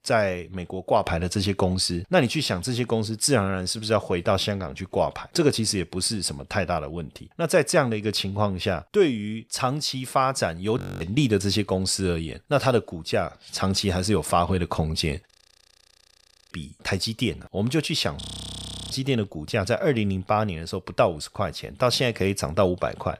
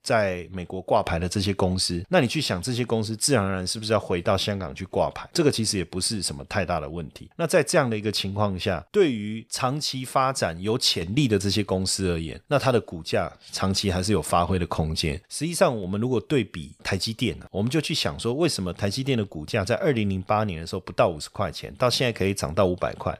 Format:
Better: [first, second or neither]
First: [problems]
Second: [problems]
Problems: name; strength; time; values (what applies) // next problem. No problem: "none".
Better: second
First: audio freezing; at 11 s, at 15 s for 1 s and at 18 s for 0.5 s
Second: none